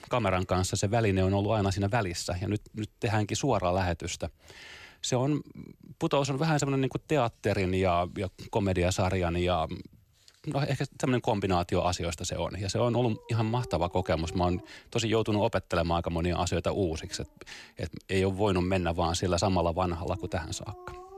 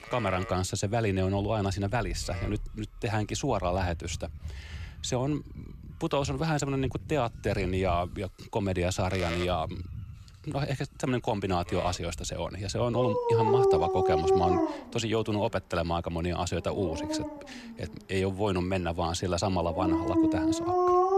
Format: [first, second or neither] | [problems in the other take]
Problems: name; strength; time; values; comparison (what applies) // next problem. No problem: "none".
first | animal sounds; loud; throughout; as loud as the speech; faint in the first